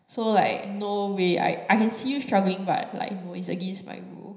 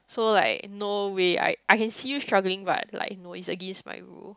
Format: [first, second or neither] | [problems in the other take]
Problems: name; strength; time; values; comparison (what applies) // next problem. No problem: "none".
second | room echo; dies away in 0.9 s